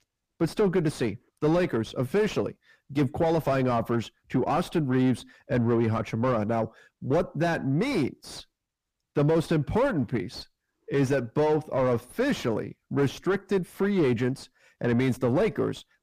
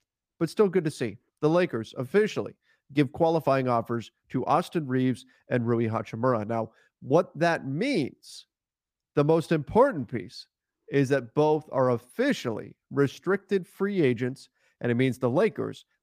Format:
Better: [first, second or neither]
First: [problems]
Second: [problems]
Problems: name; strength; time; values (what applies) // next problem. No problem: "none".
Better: second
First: distortion; heavy; 7 dB below the speech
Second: none